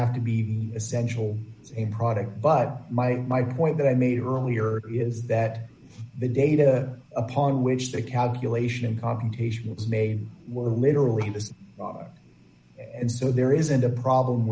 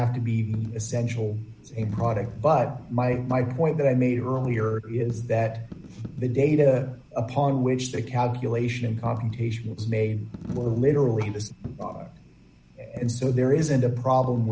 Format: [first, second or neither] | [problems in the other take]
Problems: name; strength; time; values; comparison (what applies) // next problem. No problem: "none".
first | background sound (Coin (dropping)); 18 dB below the speech